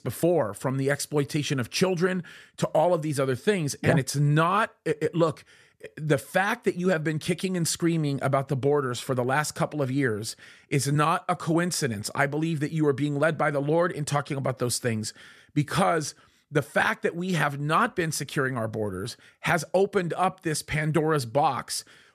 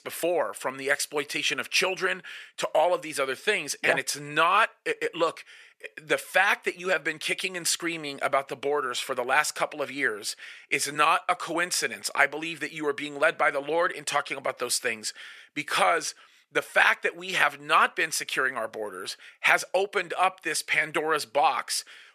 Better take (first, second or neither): first